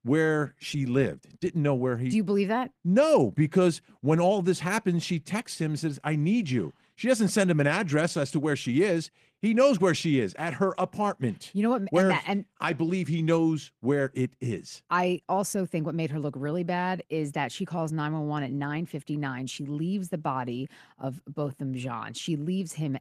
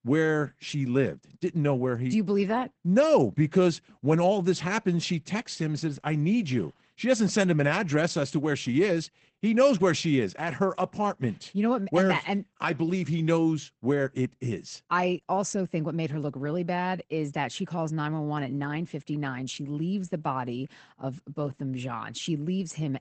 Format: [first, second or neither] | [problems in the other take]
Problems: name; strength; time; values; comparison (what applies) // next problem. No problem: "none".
first | garbled, watery; badly; nothing above 8 kHz; slightly in the first